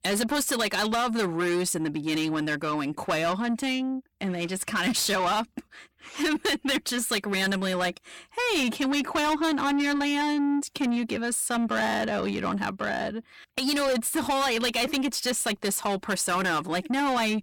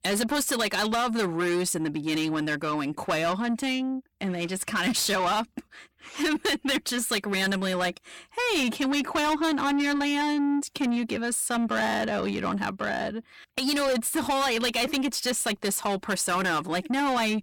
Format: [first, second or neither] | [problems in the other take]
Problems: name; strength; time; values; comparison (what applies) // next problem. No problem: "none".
neither | distortion; heavy; 8 dB below the speech; the same in both